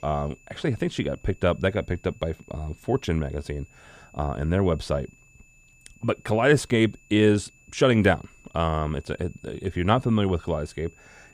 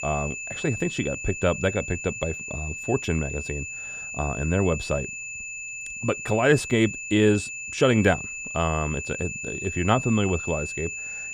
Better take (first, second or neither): first